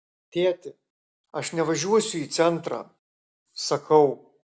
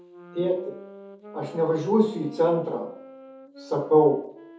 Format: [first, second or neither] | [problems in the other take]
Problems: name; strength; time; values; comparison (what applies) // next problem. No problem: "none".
first | background sound (Wind instrument, woodwind instrument); 19 dB below the speech // room echo; dies away in 0.5 s